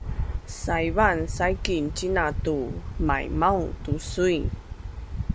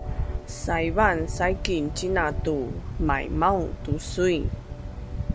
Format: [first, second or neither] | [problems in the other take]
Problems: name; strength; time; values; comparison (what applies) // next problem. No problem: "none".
first | background sound (Organ); 16 dB below the speech